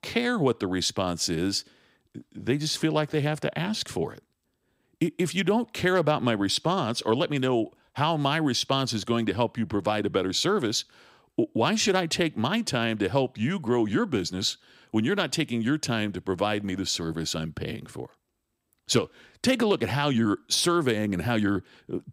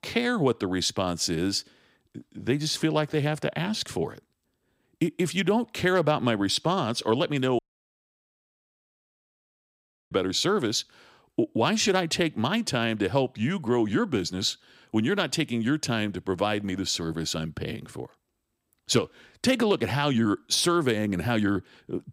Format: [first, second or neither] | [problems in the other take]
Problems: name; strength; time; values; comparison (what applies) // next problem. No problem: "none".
first | audio cutting out; at 7.5 s for 2.5 s